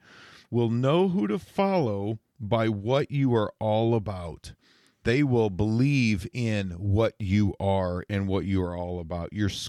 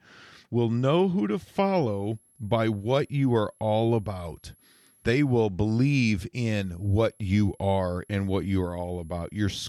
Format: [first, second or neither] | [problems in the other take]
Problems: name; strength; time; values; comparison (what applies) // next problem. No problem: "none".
first | high-pitched whine; faint; from 2 to 5.5 s and from 6.5 s on; 11 kHz, 30 dB below the speech